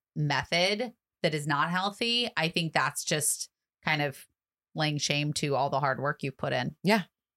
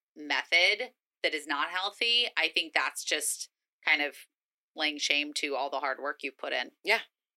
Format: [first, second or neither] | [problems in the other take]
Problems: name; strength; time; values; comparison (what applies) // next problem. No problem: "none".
first | thin; somewhat; fading below 300 Hz